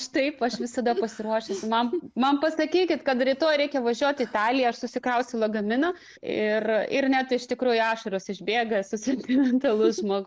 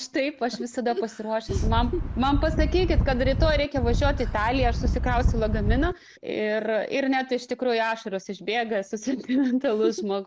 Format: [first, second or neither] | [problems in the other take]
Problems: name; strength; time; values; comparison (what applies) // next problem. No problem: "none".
first | background sound (Wind); 1 dB above the speech